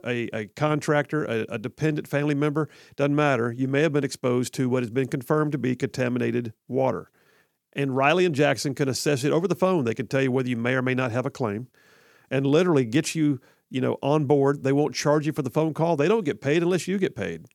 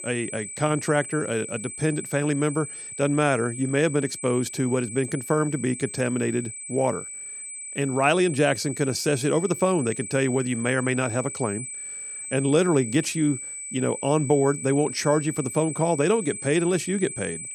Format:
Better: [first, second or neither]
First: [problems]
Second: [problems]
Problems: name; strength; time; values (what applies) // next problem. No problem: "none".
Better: first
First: none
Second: high-pitched whine; loud; throughout; 8 kHz, 9 dB below the speech